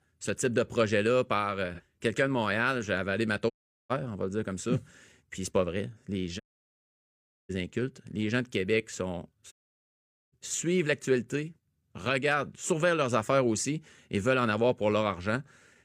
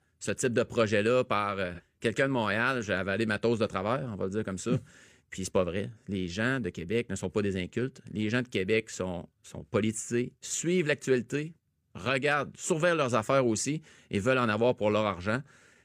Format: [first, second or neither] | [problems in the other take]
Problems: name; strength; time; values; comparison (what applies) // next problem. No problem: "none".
second | audio cutting out; at 3.5 s, at 6.5 s for 1 s and at 9.5 s for 1 s